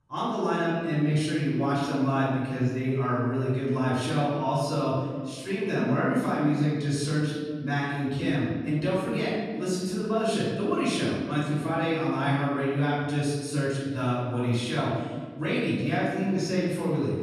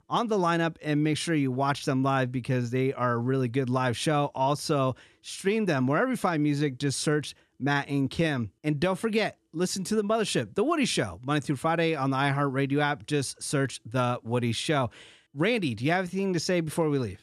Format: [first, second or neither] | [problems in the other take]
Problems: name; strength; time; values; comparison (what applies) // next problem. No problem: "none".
second | room echo; strong; dies away in 1.7 s // off-mic speech; far